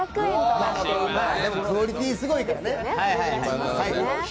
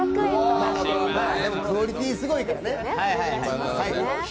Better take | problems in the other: first | background sound (Guitar); 7 dB below the speech

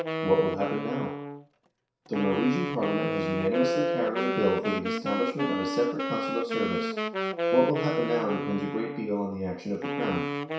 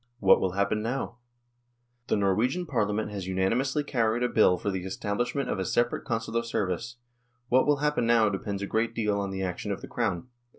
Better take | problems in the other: second | background sound (Wind instrument, woodwind instrument); 1 dB below the speech // room echo; dies away in 0.6 s

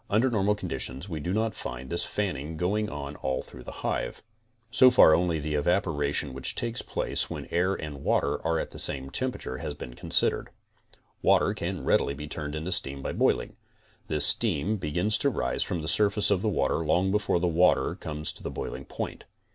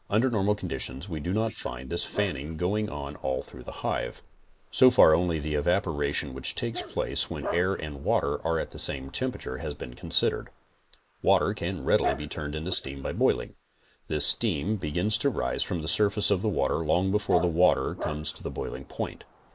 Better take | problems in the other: first | noise reduction (neural mask model Resemble Enhance denoiser)

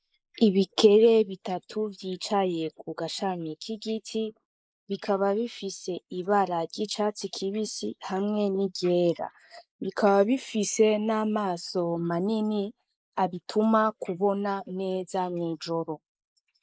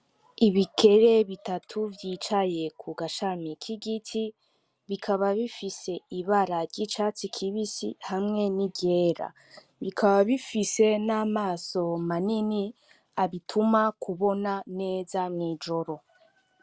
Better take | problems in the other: second | noise reduction (neural mask model Resemble Enhance denoiser)

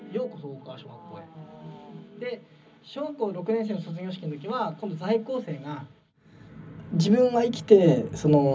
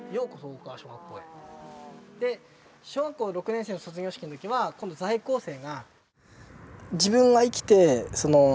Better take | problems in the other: second | room echo; dies away in 0.4 s

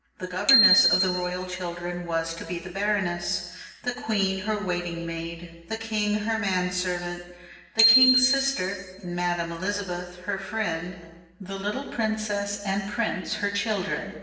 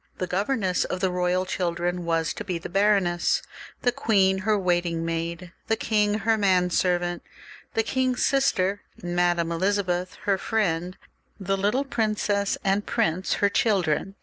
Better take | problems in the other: second | background sound (Bicycle bell); 2 dB above the speech // room echo; dies away in 1.2 s

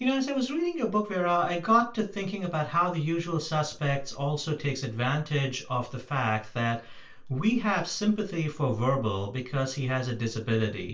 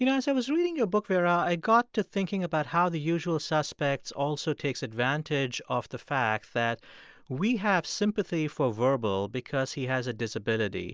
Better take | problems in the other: second | room echo; dies away in 0.3 s

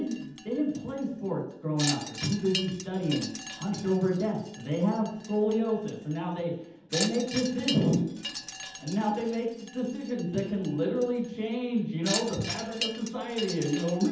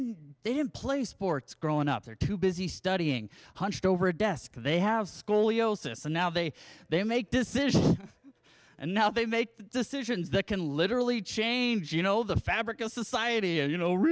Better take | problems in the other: second | background sound (Wind chime); 10 dB below the speech // room echo; dies away in 0.8 s

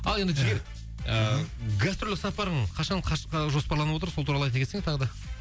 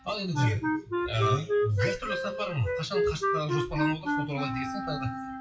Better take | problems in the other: first | noise reduction (classical method WPE with log-MMSE)

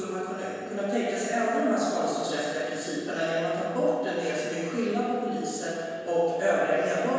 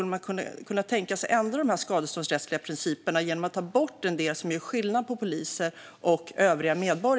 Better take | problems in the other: second | room echo; dies away in 1.9 s

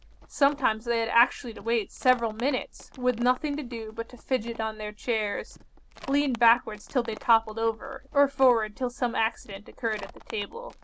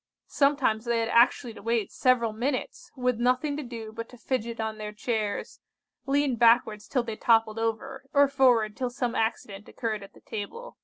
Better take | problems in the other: second | background sound (Livestock, farm animals, working animals); 19 dB below the speech

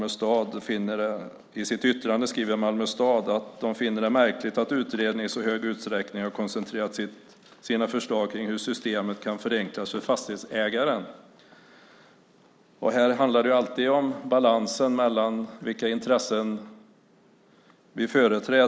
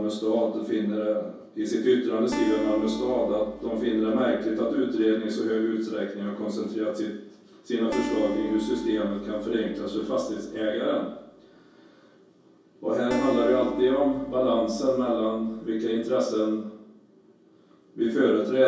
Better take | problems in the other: first | background sound (Acoustic guitar); 11 dB below the speech // room echo; dies away in 0.6 s

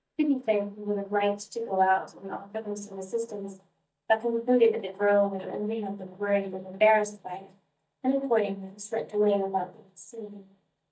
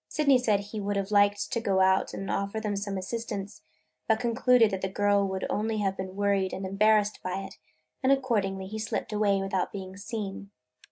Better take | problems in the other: second | noise reduction (neural mask model DeepFilterNet 3)

